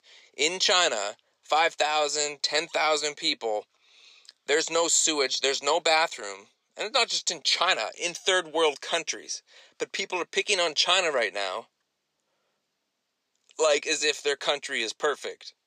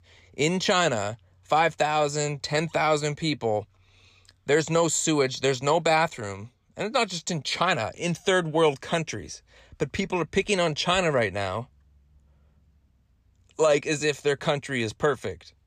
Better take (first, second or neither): second